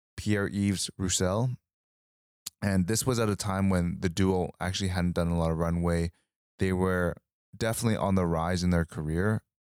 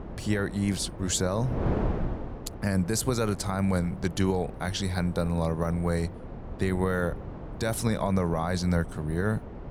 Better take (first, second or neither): first